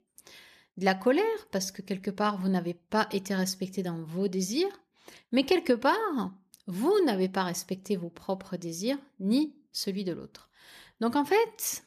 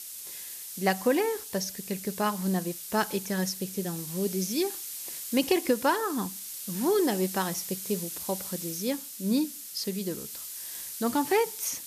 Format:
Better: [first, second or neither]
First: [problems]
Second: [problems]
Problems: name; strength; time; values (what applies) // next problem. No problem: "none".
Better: first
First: none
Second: hiss; loud; throughout; 7 dB below the speech